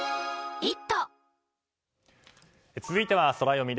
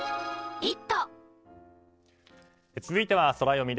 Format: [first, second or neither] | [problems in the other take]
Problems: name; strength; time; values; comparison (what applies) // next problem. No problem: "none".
first | noise reduction (neural separator model SepFormer DNS4)